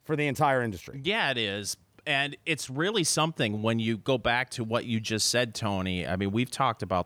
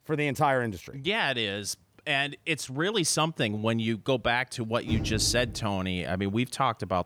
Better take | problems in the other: first | door banging; noticeable; at 5 s; peak 5 dB below the speech

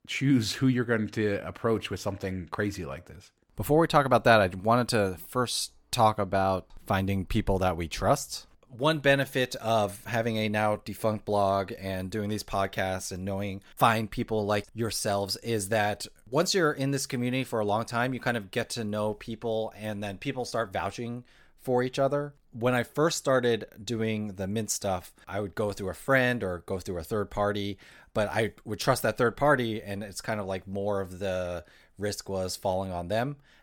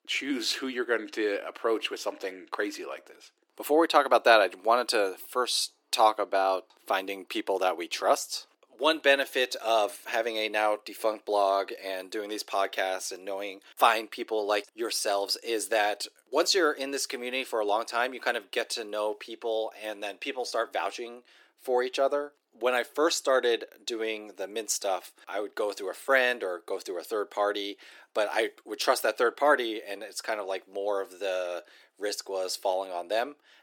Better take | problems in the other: first | thin; somewhat; fading below 300 Hz

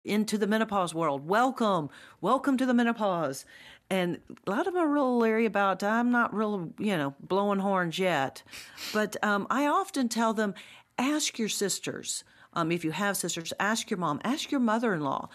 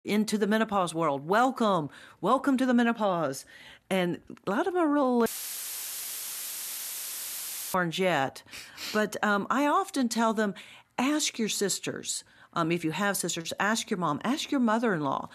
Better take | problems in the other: first | audio cutting out; filled with static; at 5.5 s for 2.5 s

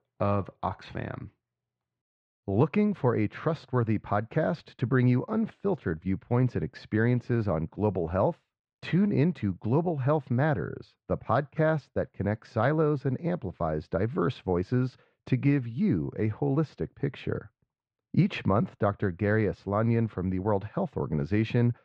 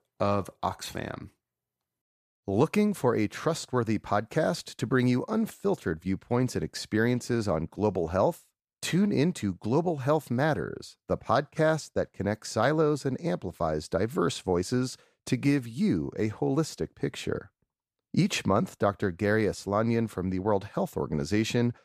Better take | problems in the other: second | muffled; slightly; fading above 3 kHz

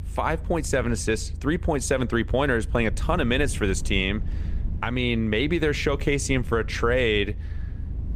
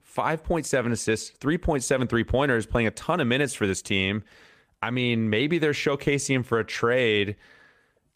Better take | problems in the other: second | low rumble; faint; throughout; 25 dB below the speech

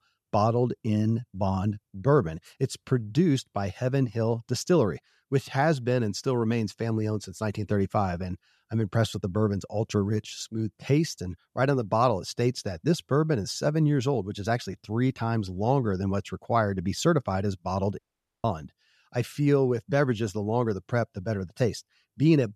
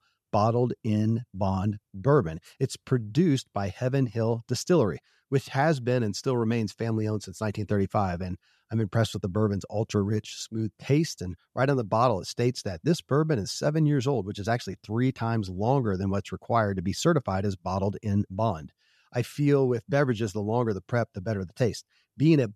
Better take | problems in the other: second | audio cutting out; at 18 s

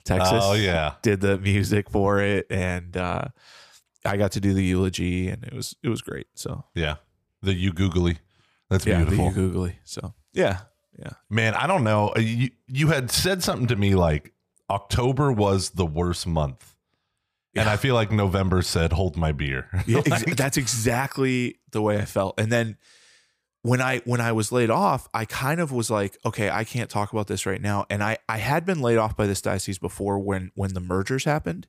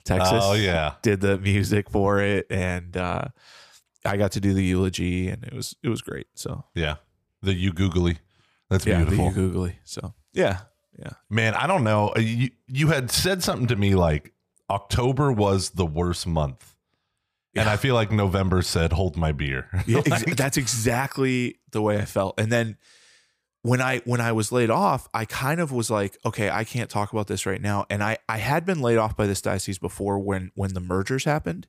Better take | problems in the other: neither | none

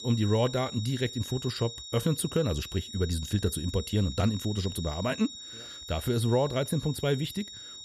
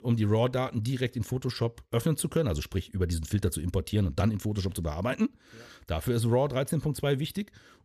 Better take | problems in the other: second | high-pitched whine; noticeable; throughout; 4 kHz, 10 dB below the speech

